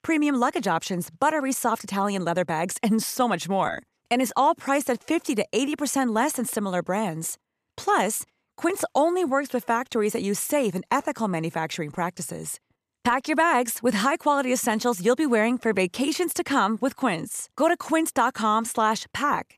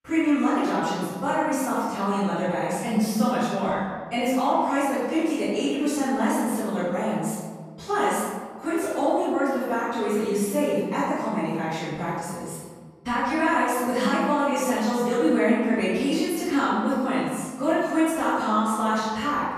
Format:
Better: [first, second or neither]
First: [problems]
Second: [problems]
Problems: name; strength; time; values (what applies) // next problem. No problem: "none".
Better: first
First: none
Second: off-mic speech; far // room echo; strong; dies away in 1.5 s